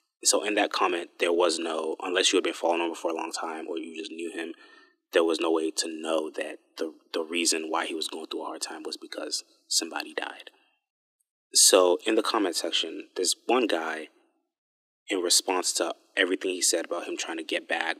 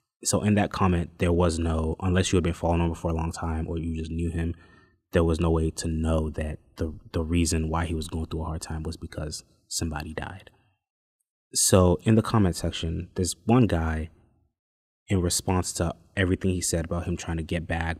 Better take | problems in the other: second | thin; very; fading below 300 Hz

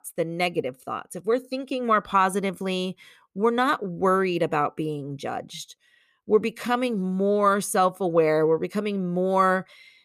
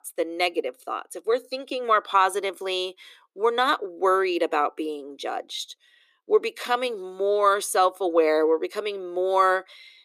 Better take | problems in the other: first | thin; very; fading below 300 Hz

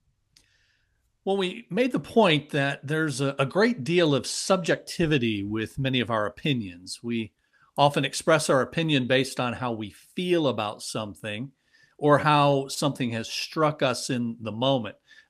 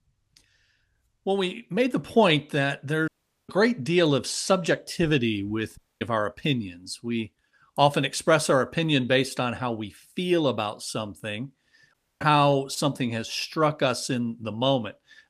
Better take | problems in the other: first | audio cutting out; at 3 s, at 6 s and at 12 s

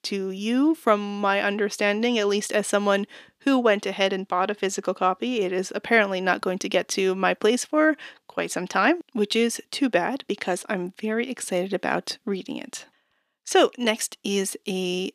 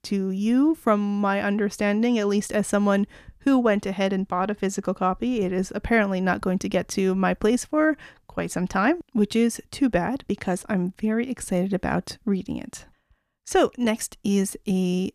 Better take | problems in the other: second | thin; very slightly; fading below 350 Hz

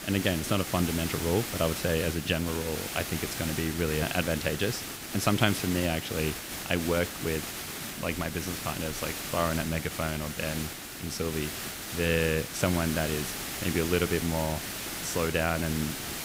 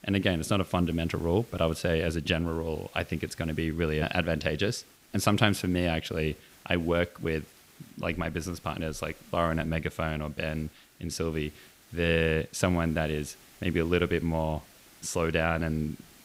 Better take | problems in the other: second | hiss; loud; throughout; 5 dB below the speech; faint in the second

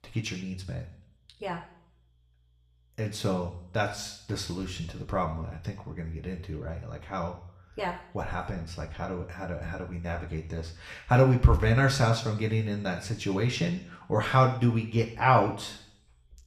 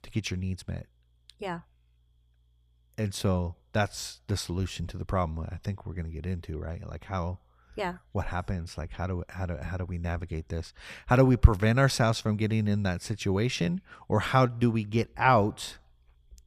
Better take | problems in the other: second | room echo; slight; dies away in 0.6 s

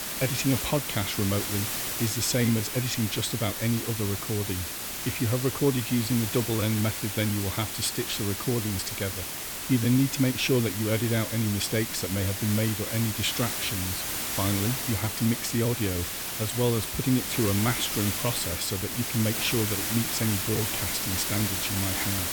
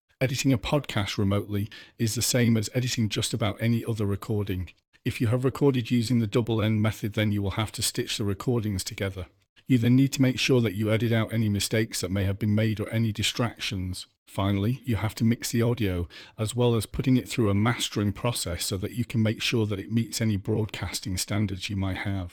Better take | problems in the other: second | hiss; loud; throughout; 2 dB below the speech

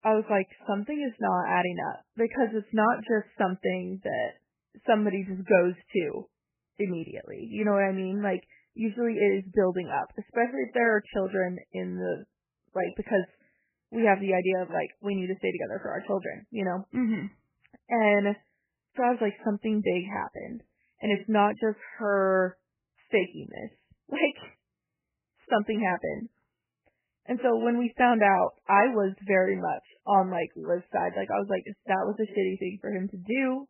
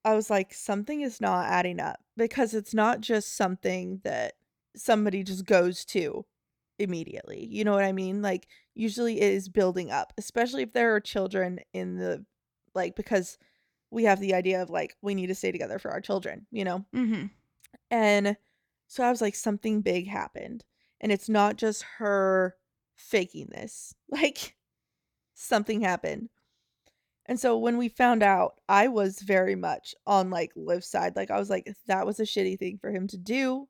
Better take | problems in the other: second | garbled, watery; badly; nothing above 3 kHz

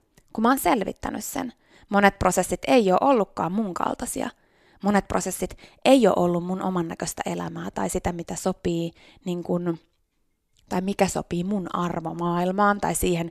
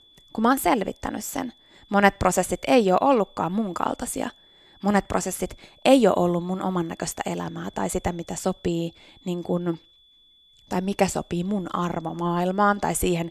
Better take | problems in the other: first | high-pitched whine; faint; throughout; 3.5 kHz, 30 dB below the speech

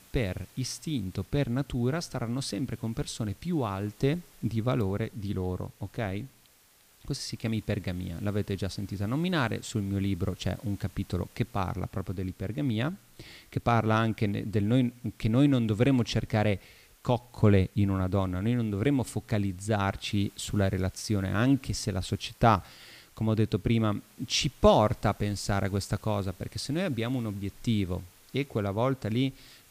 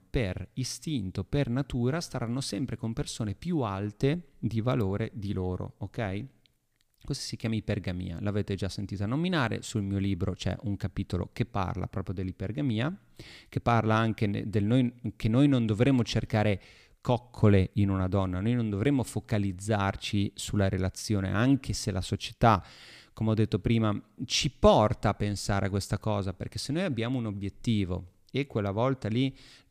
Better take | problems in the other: second | hiss; faint; throughout; 25 dB below the speech

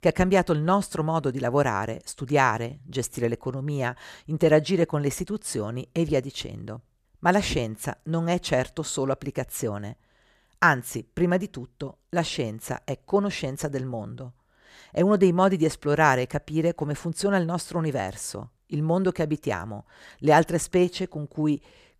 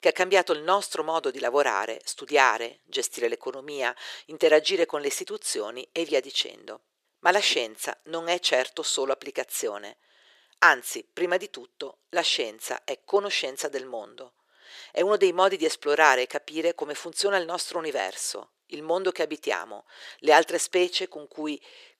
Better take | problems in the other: first | thin; very; fading below 400 Hz

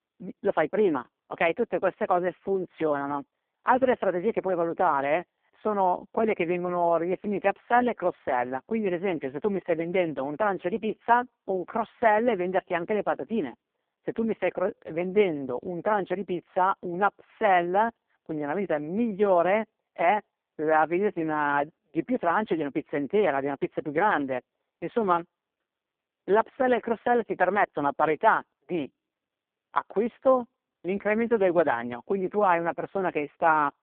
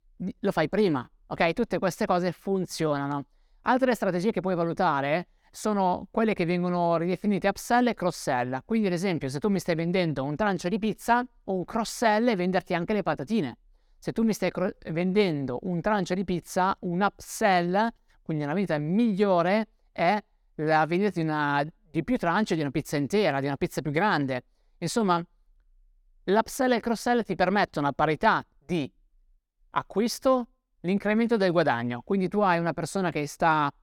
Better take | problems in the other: second | phone-call audio; poor line

